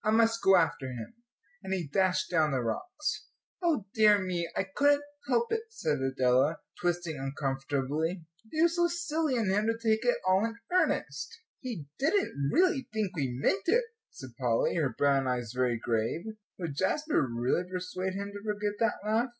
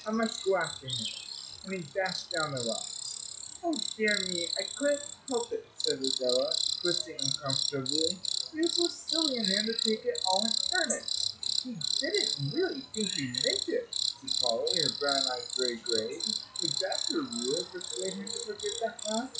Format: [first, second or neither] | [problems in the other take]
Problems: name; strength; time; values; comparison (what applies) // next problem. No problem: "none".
first | noise reduction (classical method log-MMSE)